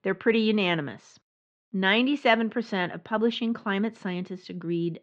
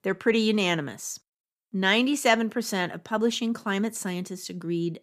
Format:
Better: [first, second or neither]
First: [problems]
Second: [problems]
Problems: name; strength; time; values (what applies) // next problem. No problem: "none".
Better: second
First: muffled; slightly; fading above 3.5 kHz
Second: none